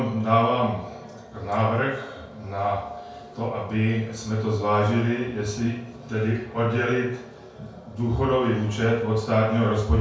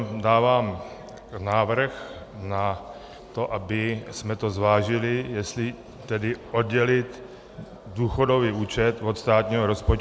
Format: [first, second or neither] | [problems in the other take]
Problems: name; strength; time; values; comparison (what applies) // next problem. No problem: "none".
second | room echo; dies away in 0.5 s